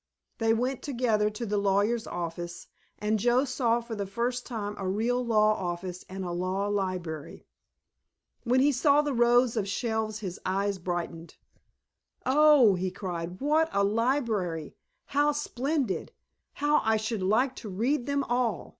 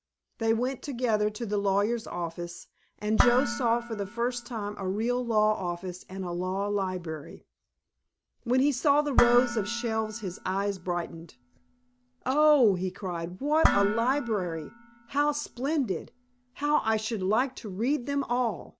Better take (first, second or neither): first